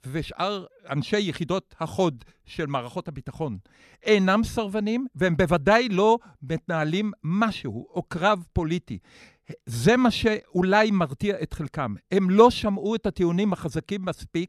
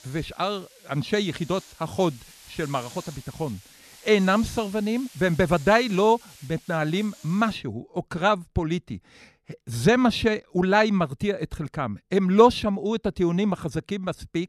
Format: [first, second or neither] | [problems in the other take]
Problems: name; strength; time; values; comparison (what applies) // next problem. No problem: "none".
first | hiss; faint; until 7.5 s; 20 dB below the speech